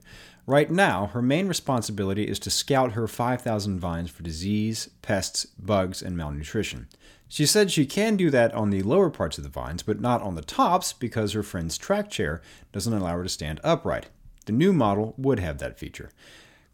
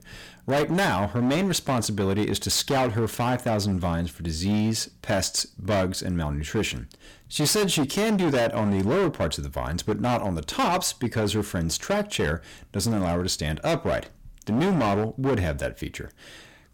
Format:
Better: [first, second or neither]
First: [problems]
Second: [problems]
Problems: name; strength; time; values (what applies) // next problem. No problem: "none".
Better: first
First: none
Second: distortion; heavy; 15% of the sound clipped